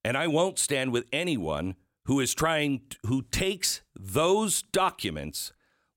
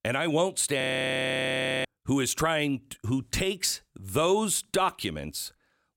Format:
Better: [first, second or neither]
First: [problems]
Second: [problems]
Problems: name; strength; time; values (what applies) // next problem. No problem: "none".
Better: first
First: none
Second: audio freezing; at 1 s for 1 s